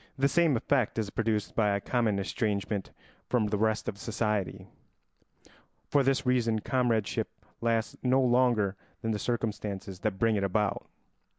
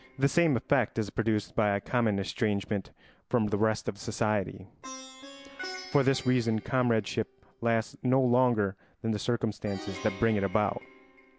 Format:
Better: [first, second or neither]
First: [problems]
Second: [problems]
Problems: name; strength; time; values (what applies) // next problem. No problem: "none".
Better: first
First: none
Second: background sound (Plucked string instrument); 19 dB below the speech